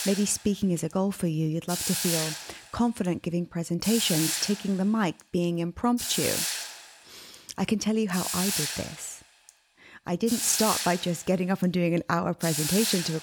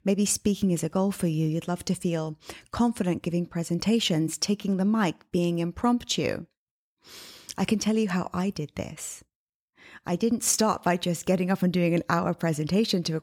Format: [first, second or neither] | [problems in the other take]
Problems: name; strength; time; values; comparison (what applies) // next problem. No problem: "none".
second | hiss; loud; throughout; 2 dB below the speech